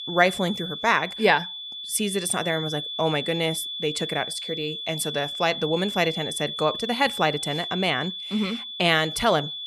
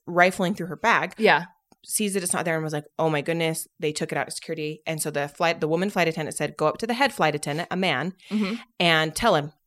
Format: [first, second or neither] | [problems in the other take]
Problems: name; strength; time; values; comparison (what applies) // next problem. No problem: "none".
second | high-pitched whine; loud; throughout; 3.5 kHz, 6 dB below the speech